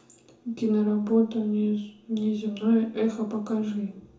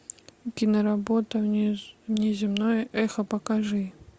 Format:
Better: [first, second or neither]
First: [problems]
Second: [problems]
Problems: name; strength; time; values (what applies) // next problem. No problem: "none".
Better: second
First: room echo; dies away in 0.6 s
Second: none